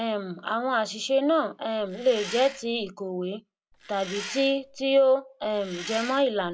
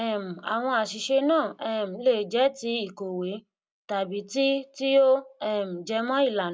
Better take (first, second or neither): second